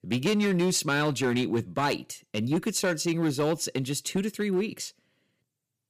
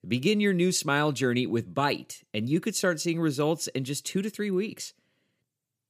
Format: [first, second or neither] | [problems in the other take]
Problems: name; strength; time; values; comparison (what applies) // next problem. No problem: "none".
second | distortion; slight; 7% of the sound clipped